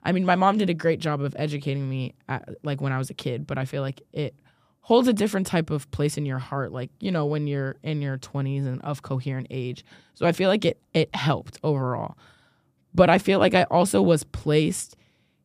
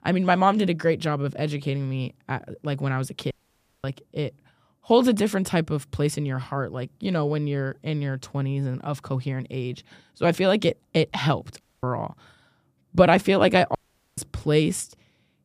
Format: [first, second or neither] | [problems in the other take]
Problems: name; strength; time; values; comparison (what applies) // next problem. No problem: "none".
first | audio cutting out; at 3.5 s for 0.5 s, at 12 s and at 14 s